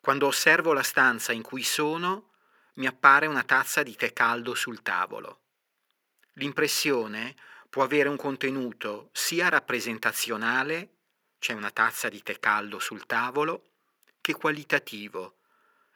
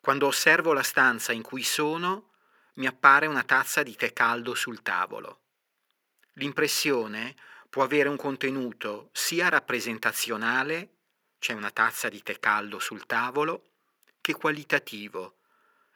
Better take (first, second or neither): neither